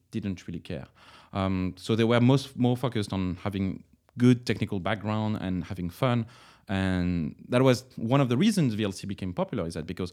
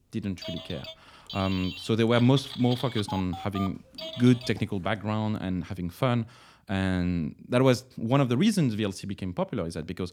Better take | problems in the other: first | phone ringing; noticeable; until 4.5 s; peak 9 dB below the speech

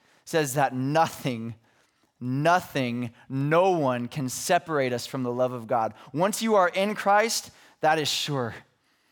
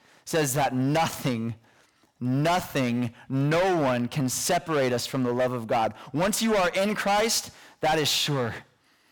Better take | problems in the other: first | distortion; heavy; 16% of the sound clipped

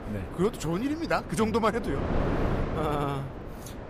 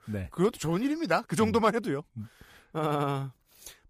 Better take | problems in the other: second | wind noise on the microphone; heavy; 7 dB below the speech

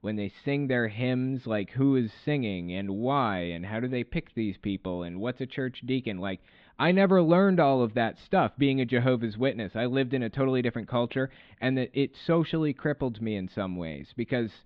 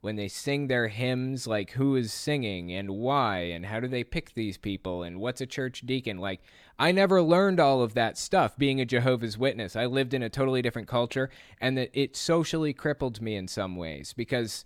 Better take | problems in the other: second | muffled; slightly; fading above 3.5 kHz

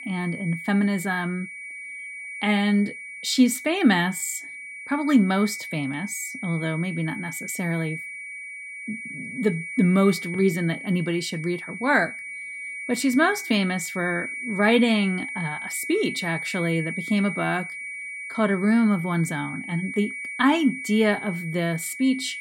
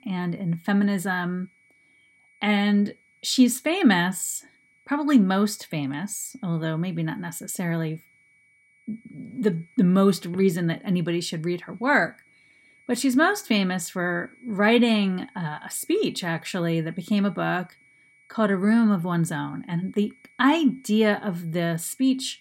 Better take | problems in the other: second | high-pitched whine; loud; throughout; 2.5 kHz, 9 dB below the speech; faint in the second

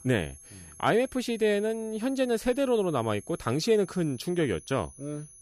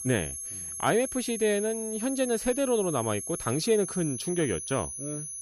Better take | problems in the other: first | high-pitched whine; loud; throughout; 11 kHz, 6 dB below the speech; faint in the first

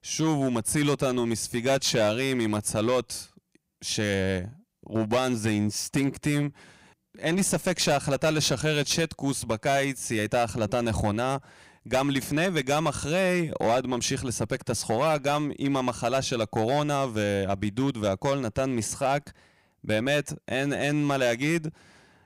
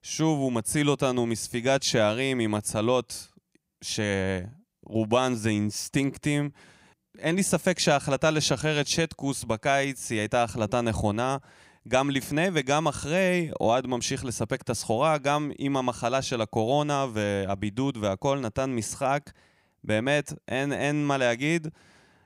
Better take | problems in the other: second | distortion; slight; 8% of the sound clipped

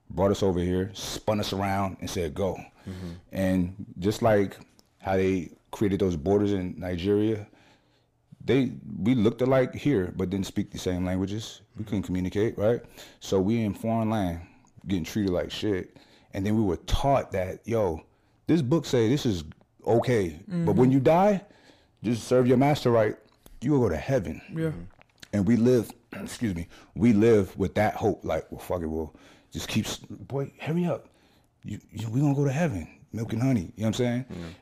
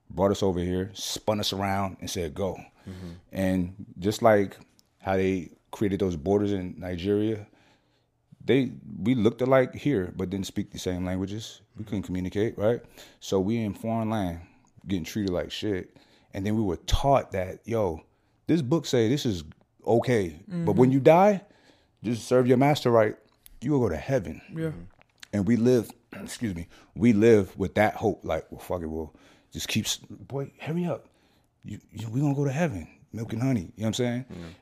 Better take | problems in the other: second | distortion; slight; 10 dB below the speech

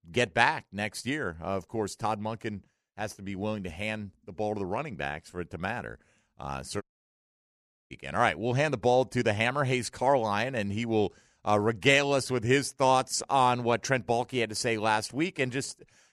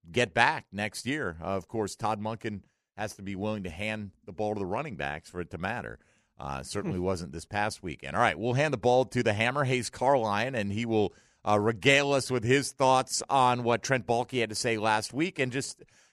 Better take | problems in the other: second | audio cutting out; at 7 s for 1 s

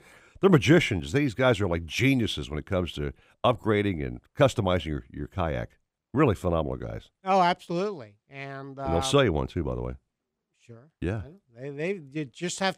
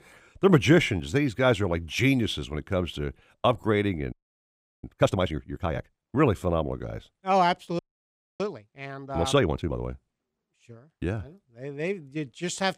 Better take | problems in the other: first | audio freezing; at 4 s for 0.5 s and at 8 s for 0.5 s

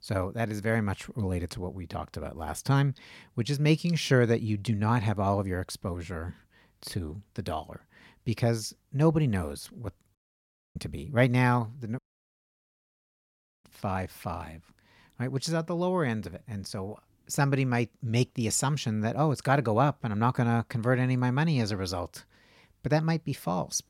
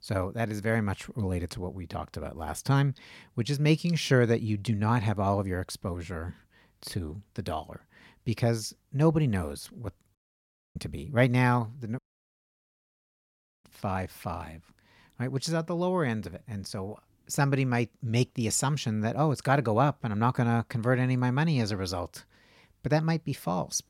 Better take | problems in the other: neither | audio cutting out; at 10 s for 0.5 s and at 12 s for 1.5 s; the same in both

